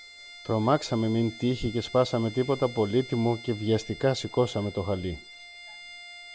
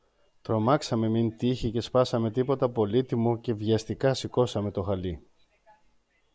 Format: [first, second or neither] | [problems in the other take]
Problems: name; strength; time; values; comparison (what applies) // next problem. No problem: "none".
second | background sound (Bowed string instrument); 17 dB below the speech